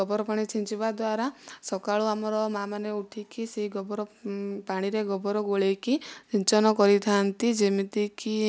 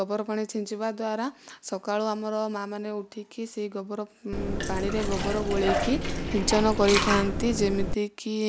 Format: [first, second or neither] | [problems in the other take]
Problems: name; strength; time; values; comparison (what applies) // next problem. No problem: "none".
first | background sound (Liquid); as loud as the speech